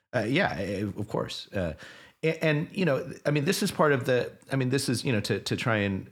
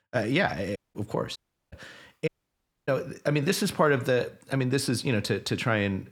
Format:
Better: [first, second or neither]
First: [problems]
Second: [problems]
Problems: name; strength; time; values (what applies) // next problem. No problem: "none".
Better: first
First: none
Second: audio cutting out; at 1 s, at 1.5 s and at 2.5 s for 0.5 s